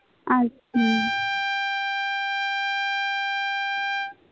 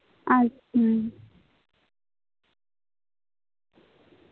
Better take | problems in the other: second | background sound (Trumpet); 2 dB above the speech

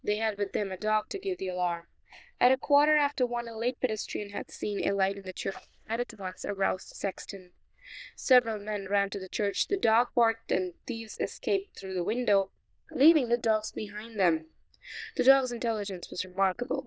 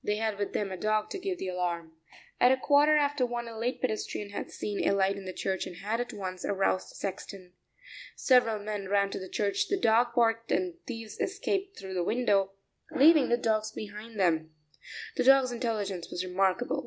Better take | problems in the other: second | noise reduction (neural diffusion model UNIVERSE++)

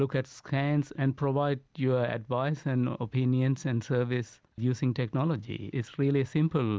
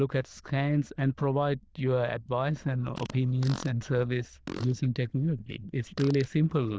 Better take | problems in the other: first | noise reduction (neural diffusion model UNIVERSE++)

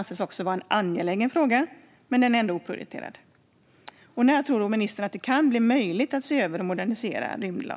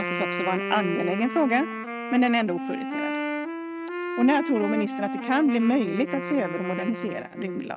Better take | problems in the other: first | noise reduction (neural mask model RNNoise)

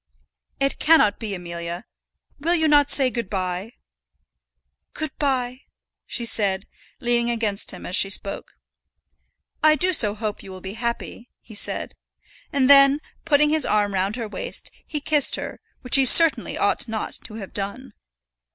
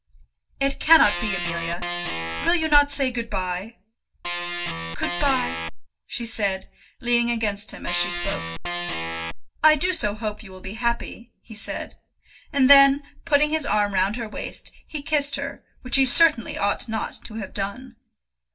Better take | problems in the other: first | background sound (Organ); 3 dB below the speech // room echo; dies away in 0.2 s

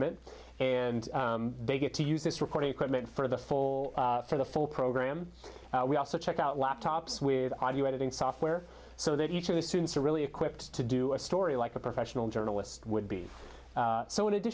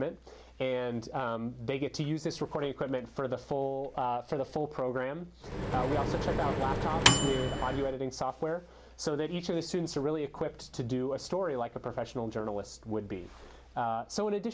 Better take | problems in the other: first | background sound (Microwave oven); 4 dB above the speech

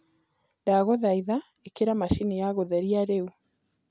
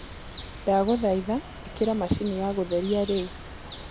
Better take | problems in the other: first | background sound (Bird); 13 dB below the speech

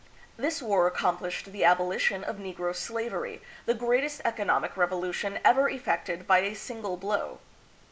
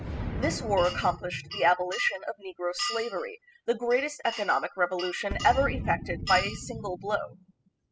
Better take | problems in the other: first | noise reduction (classical method spectral subtraction)

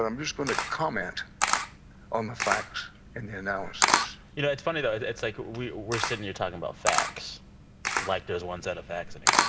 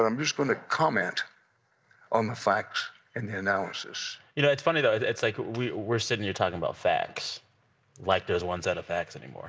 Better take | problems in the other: second | background sound (Camera); 1 dB above the speech

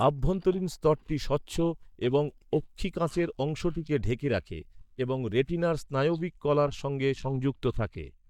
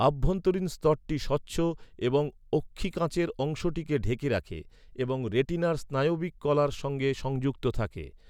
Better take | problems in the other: second | noise reduction (neural mask model DeepFilterNet 3)

